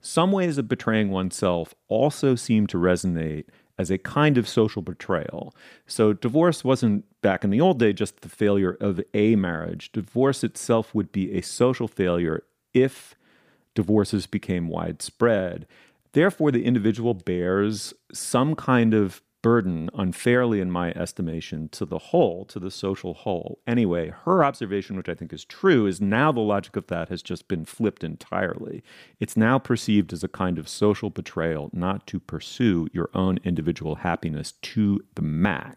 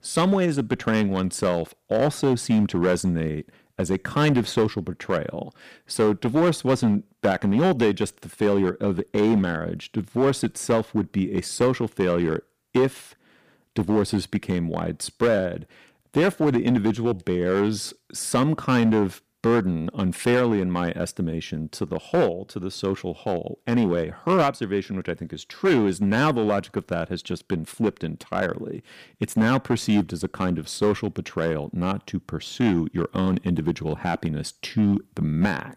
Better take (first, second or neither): first